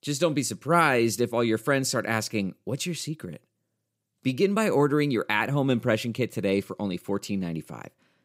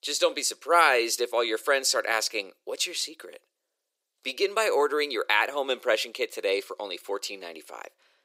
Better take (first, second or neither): first